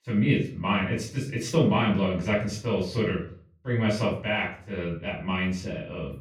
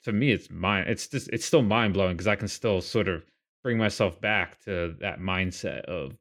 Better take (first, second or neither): second